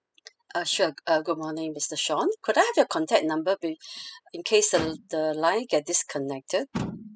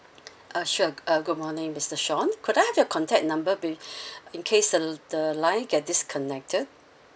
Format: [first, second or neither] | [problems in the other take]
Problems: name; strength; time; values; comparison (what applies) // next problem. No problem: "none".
second | noise reduction (classical method spectral subtraction)